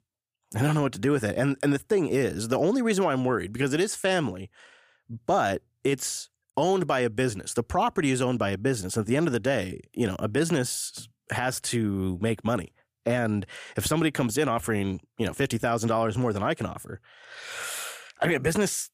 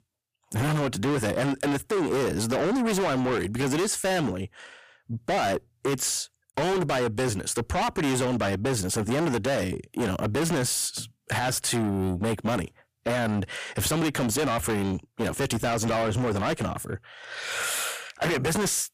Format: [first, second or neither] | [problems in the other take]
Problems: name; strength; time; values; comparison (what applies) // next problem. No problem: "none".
first | distortion; heavy; 5 dB below the speech